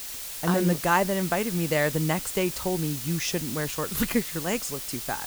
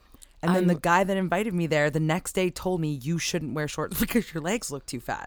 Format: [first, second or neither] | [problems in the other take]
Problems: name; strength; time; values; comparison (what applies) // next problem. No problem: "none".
second | hiss; loud; throughout; 6 dB below the speech